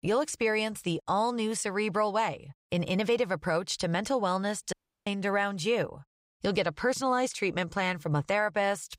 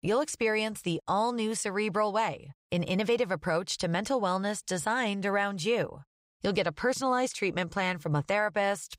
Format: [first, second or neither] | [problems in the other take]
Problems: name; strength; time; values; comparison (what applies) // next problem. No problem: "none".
second | audio cutting out; at 4.5 s